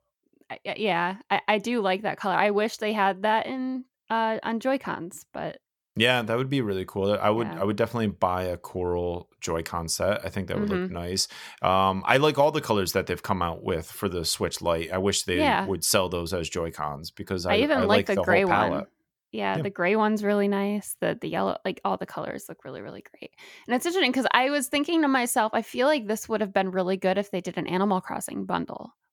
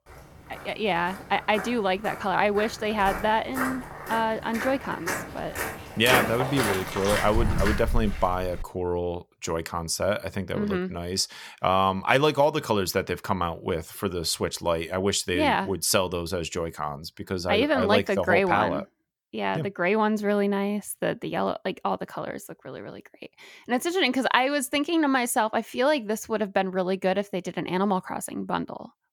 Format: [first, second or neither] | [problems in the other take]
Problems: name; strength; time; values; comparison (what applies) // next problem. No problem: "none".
first | footsteps; loud; from 1.5 to 8.5 s; peak 3 dB above the speech